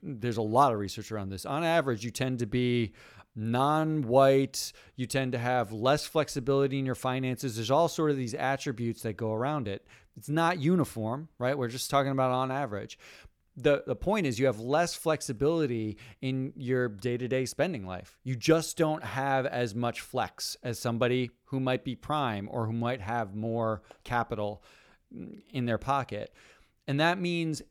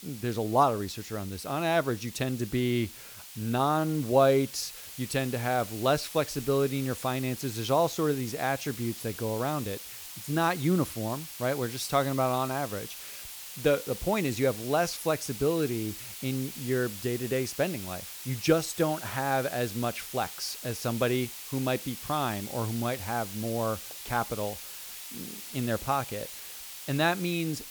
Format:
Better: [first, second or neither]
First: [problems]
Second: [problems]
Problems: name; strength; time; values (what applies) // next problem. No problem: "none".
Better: first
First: none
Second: hiss; noticeable; throughout; 10 dB below the speech